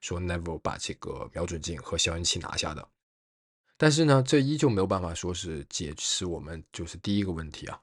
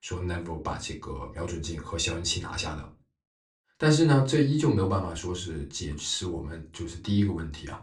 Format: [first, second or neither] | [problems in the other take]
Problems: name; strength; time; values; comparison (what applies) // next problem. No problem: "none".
first | off-mic speech; far // room echo; very slight; dies away in 0.3 s